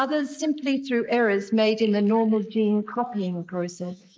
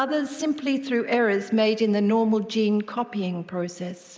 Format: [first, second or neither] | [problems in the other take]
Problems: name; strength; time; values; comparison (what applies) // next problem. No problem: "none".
second | noise reduction (neural mask model Resemble Enhance denoiser)